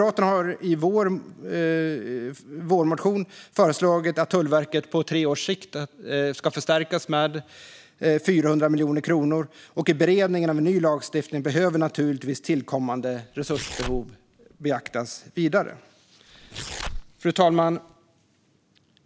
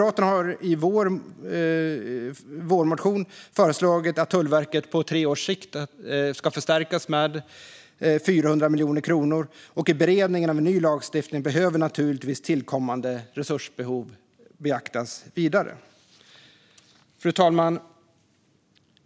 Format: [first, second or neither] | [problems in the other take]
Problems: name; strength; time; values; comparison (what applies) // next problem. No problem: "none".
second | background sound (Tearing); 12 dB below the speech